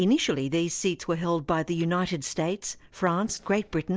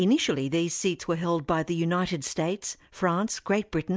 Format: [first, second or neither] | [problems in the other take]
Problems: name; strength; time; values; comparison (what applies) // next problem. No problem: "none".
second | noise reduction (neural separator model SepFormer DNS4)